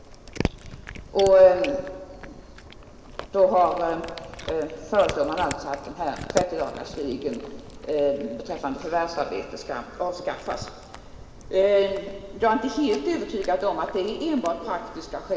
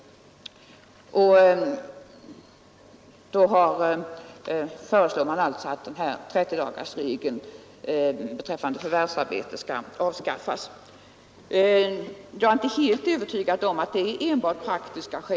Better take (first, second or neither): second